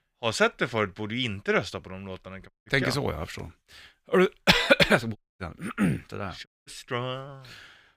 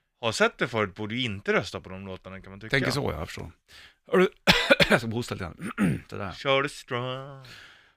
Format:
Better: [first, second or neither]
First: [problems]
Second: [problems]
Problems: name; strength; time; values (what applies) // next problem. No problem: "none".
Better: second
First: audio cutting out; at 2.5 s, at 5 s and at 6.5 s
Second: none